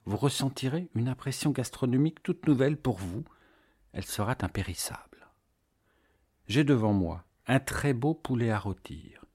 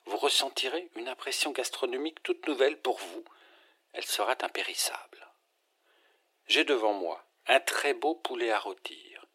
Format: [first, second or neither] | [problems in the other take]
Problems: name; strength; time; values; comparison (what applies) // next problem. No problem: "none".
first | thin; very; fading below 350 Hz